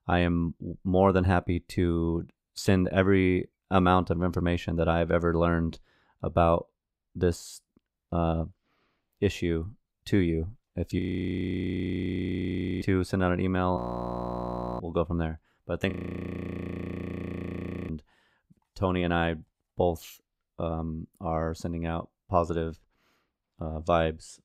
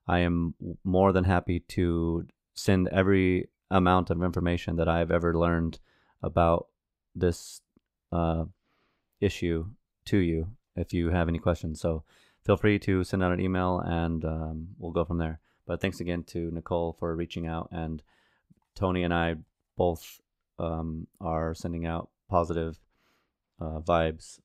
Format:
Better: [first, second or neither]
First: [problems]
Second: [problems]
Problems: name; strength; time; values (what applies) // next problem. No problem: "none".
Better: second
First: audio freezing; at 11 s for 2 s, at 14 s for 1 s and at 16 s for 2 s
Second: none